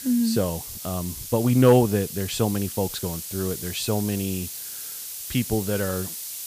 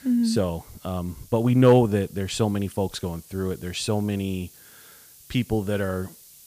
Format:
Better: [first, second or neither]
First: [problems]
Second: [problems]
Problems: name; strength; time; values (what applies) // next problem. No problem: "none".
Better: second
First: hiss; loud; throughout; 8 dB below the speech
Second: hiss; faint; throughout; 25 dB below the speech